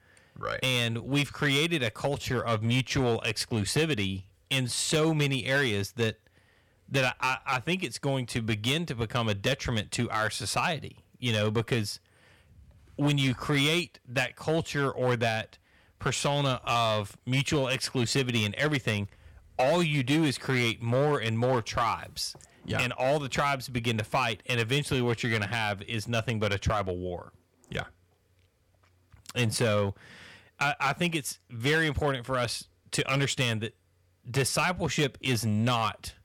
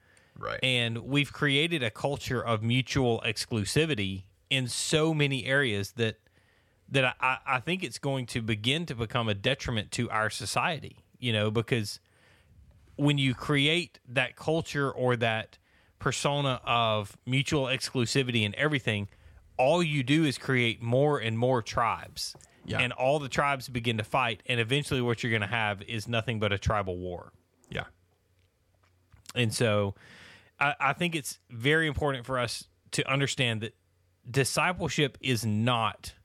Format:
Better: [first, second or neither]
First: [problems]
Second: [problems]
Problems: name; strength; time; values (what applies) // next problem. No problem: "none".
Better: second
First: distortion; slight; 5% of the sound clipped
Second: none